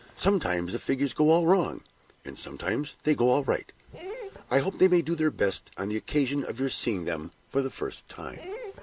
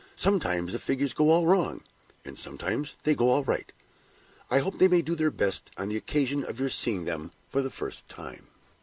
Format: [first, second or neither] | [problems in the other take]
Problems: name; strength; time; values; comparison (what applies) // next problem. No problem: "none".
second | background sound (Dog); 19 dB below the speech